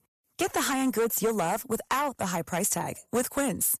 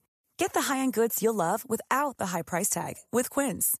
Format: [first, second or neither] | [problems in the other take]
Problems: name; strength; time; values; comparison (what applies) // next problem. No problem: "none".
second | distortion; slight; 9% of the sound clipped